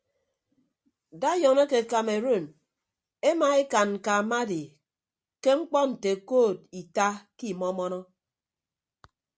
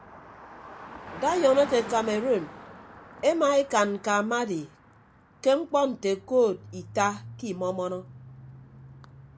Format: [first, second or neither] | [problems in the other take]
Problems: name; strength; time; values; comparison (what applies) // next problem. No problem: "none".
first | background sound (Car passing by); 17 dB below the speech